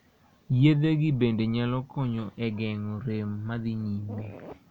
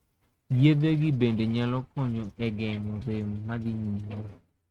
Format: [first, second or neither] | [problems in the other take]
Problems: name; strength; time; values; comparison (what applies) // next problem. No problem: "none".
first | noise reduction (neural mask model RNNoise)